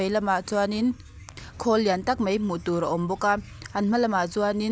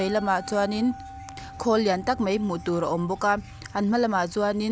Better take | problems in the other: first | background sound (Musical instrument); 19 dB below the speech

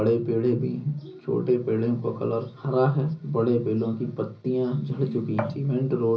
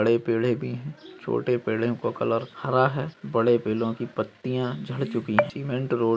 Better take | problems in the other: second | room echo; dies away in 0.5 s

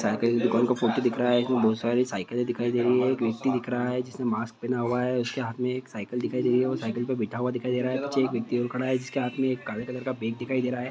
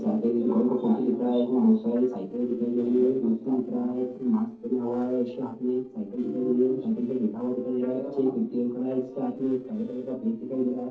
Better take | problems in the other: first | noise reduction (neural separator model SepFormer DNS4)

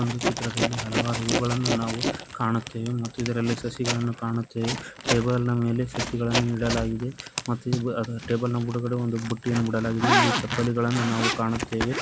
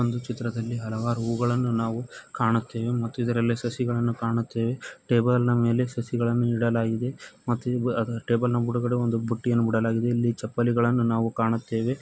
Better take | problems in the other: second | background sound (Zipper (clothing)); 4 dB below the speech

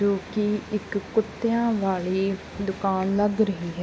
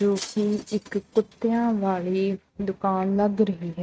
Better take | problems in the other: first | noise reduction (neural mask model RNNoise)

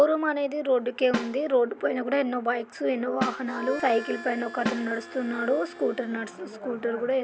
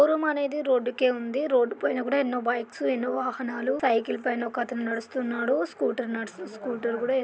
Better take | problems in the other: second | background sound (Harmonica + Snare drum); 10 dB below the speech

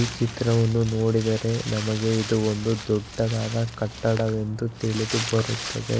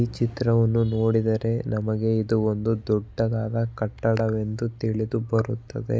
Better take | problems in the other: second | background sound (Wind); 12 dB below the speech

